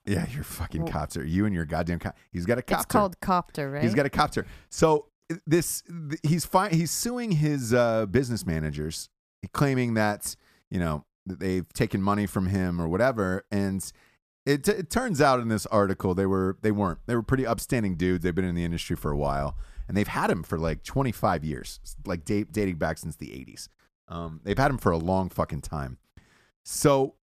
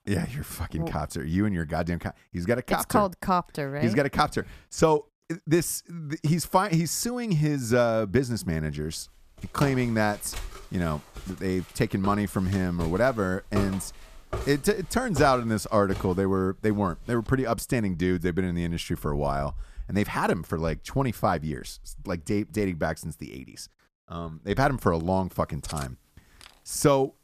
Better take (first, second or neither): first